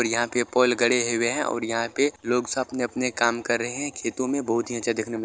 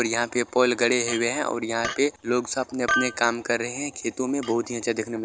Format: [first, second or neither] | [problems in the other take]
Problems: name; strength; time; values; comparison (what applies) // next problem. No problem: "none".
first | background sound (Chink, clink); 10 dB below the speech